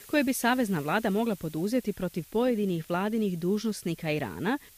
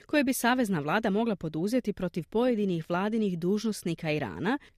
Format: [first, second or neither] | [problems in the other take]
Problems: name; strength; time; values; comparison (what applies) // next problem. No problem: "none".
second | hiss; faint; throughout; 20 dB below the speech